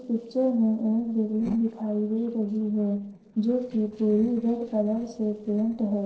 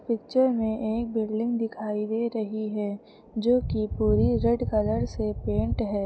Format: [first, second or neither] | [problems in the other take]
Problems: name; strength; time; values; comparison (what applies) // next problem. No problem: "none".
second | noise reduction (neural separator model SepFormer DNS4)